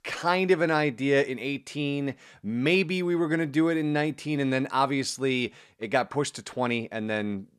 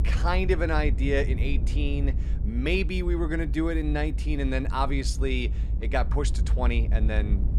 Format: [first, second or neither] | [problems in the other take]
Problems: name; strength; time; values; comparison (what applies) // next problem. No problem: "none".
first | low rumble; noticeable; throughout; 15 dB below the speech